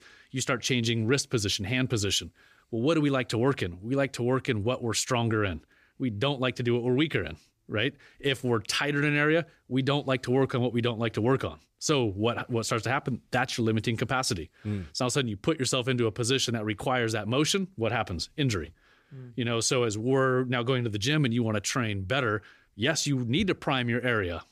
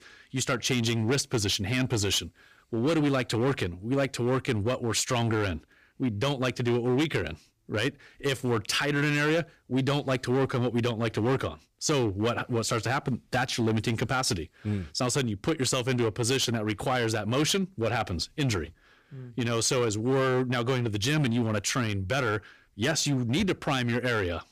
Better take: first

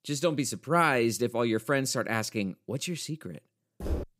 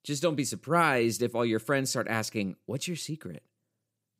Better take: second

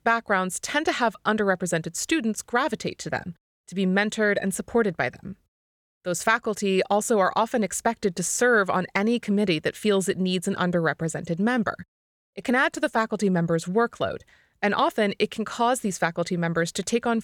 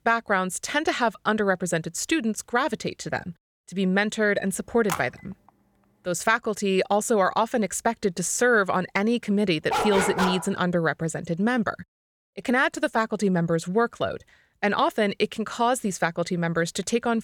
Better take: first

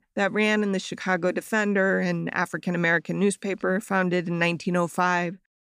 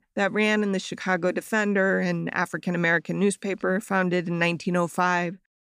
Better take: neither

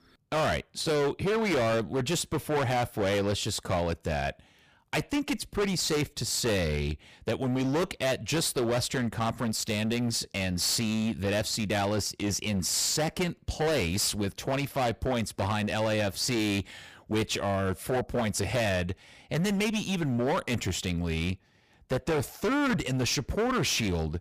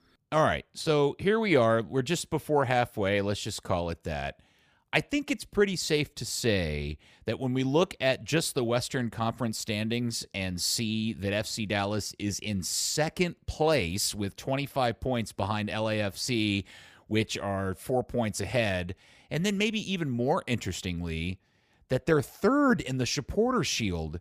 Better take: second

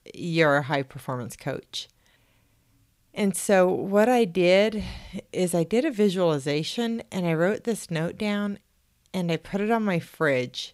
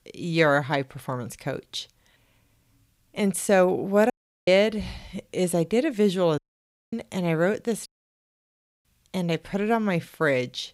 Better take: first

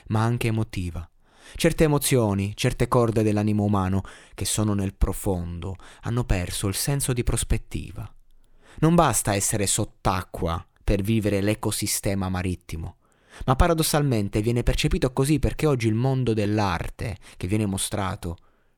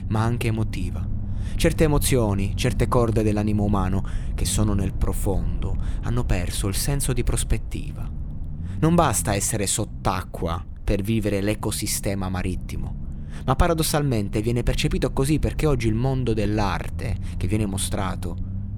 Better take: first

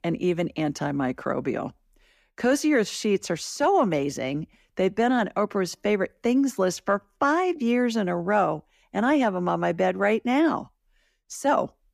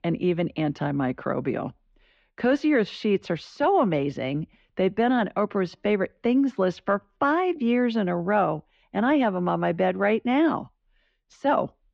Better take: first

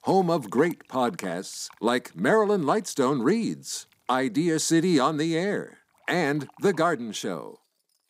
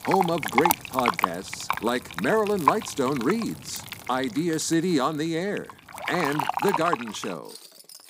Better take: first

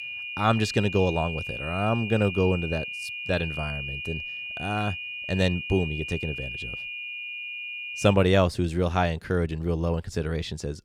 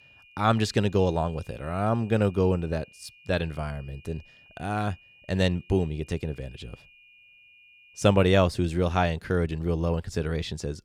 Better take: second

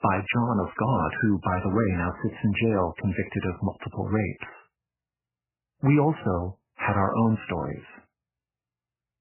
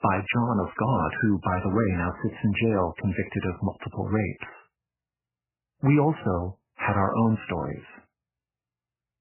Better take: neither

